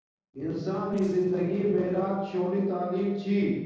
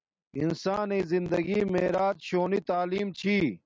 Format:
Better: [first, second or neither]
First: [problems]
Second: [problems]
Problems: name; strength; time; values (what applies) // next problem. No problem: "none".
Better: second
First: noise reduction (neural separator model SepFormer DNS4)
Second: none